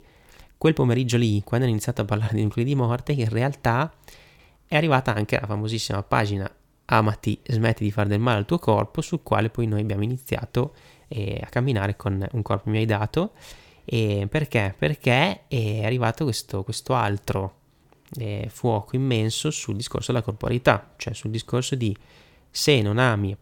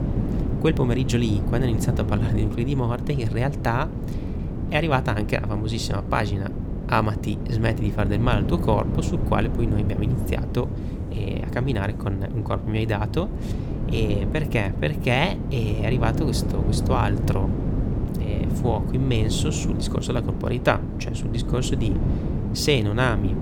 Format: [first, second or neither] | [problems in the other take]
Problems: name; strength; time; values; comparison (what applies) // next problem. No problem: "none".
first | wind noise on the microphone; heavy; 8 dB below the speech